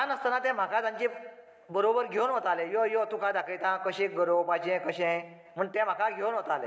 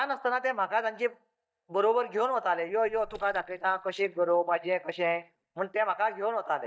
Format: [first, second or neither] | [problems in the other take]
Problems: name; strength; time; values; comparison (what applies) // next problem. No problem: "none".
first | noise reduction (neural mask model DeepFilterNet 3)